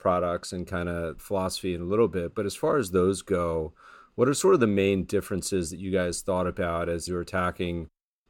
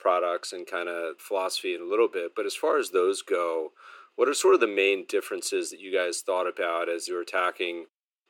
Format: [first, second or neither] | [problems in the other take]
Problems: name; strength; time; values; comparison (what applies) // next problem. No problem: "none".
first | thin; very; fading below 350 Hz